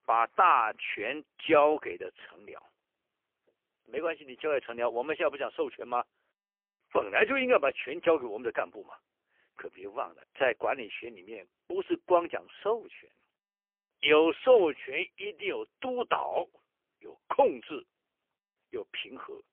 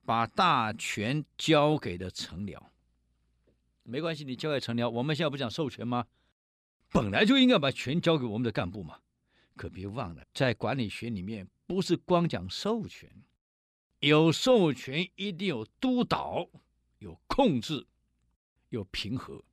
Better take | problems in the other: second | phone-call audio; poor line; nothing above 3 kHz

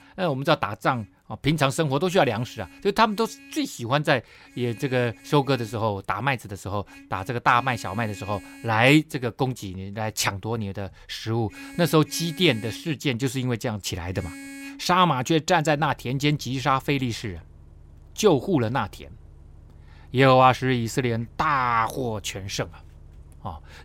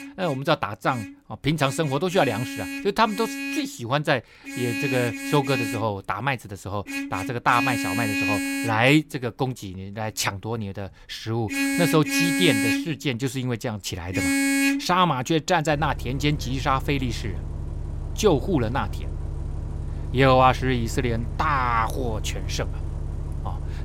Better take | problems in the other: first | traffic noise; loud; throughout; 4 dB below the speech; faint in the first

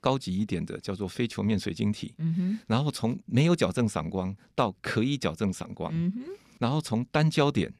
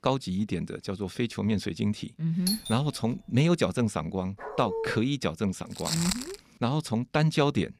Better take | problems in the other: first | doorbell; noticeable; at 2.5 s; peak 3 dB below the speech // dog barking; noticeable; at 4.5 s; peak 5 dB below the speech // footsteps; noticeable; at 6 s; peak 1 dB below the speech

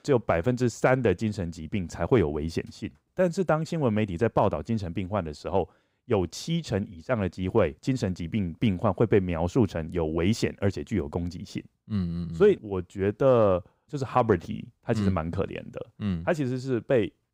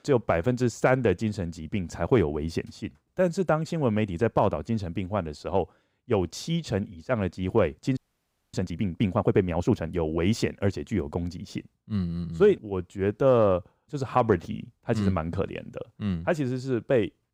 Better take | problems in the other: first | audio freezing; at 8 s for 0.5 s

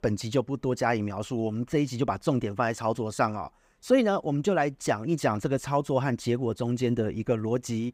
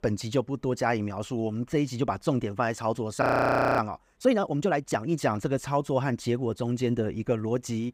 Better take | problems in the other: first | audio freezing; at 3 s for 0.5 s

